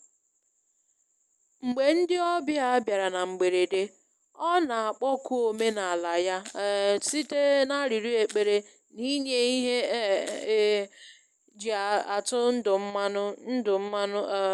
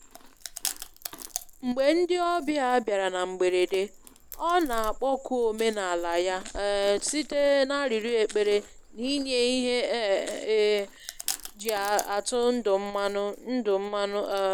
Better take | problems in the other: first | background sound (Chewing, mastication); 15 dB below the speech

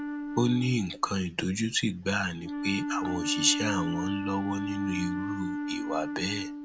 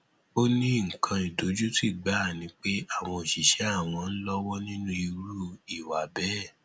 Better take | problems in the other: second | background sound (Wind instrument, woodwind instrument); 4 dB below the speech

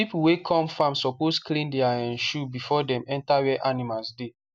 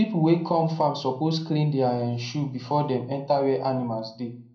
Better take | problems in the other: first | room echo; dies away in 0.6 s

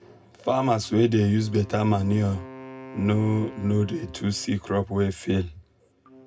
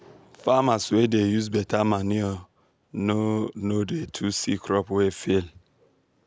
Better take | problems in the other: second | background sound (Wind instrument, woodwind instrument); 20 dB below the speech // room echo; dies away in 0.2 s

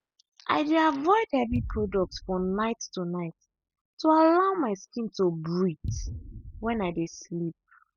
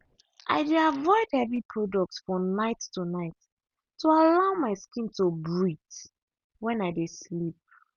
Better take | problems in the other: second | noise reduction (classical method spectral subtraction)

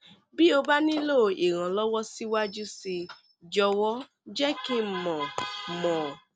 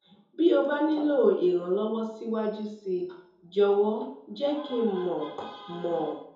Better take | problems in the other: first | room echo; dies away in 2.6 s

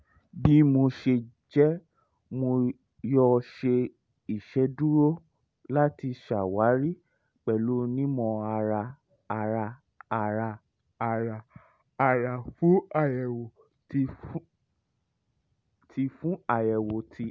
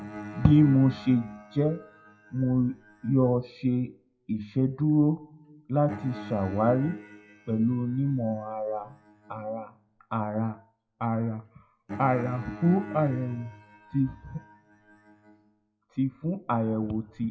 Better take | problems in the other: first | noise reduction (classical method WPE with log-MMSE)

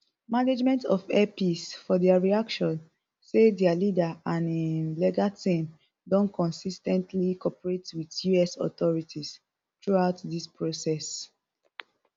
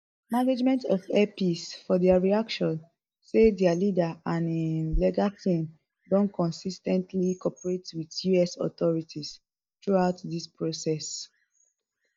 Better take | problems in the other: first | noise reduction (neural mask model DeepFilterNet 3)

